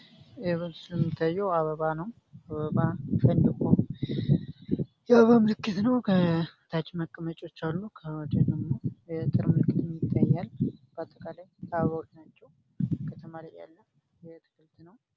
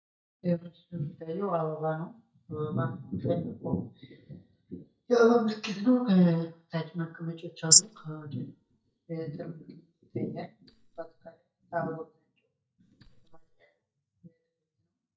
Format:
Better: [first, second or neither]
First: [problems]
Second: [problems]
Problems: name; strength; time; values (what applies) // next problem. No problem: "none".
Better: first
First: none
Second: noise reduction (neural mask model DeepFilterNet 3)